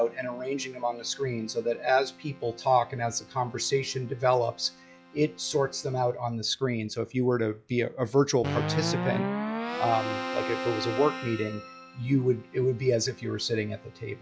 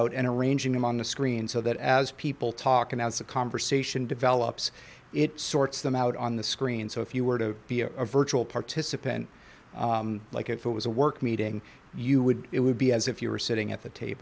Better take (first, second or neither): second